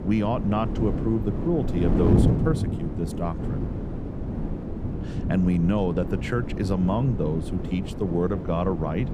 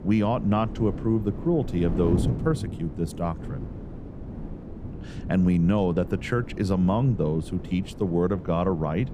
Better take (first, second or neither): second